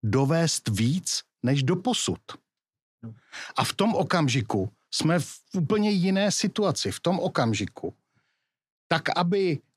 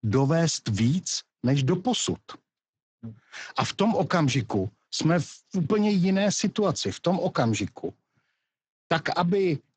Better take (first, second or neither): first